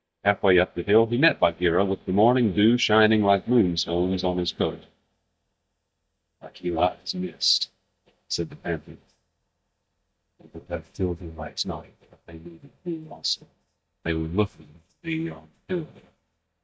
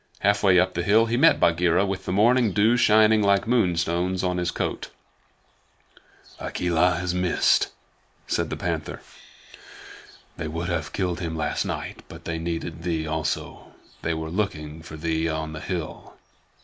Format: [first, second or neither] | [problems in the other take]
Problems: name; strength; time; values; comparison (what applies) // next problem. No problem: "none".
second | noise reduction (neural mask model DeepFilterNet 3)